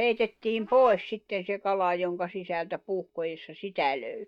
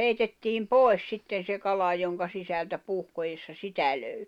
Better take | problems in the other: second | noise reduction (neural mask model DeepFilterNet 3)

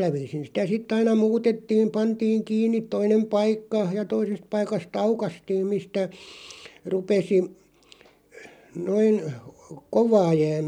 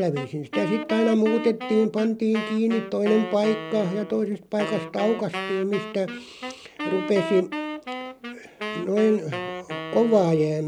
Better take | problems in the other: first | background sound (Wind instrument, woodwind instrument); 9 dB below the speech

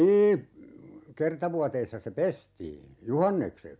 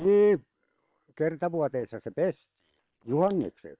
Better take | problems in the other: first | noise reduction (neural separator model SepFormer WHAM!)

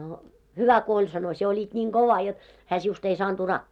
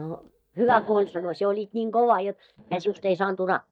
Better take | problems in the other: first | noise reduction (neural mask model DeepFilterNet 3)

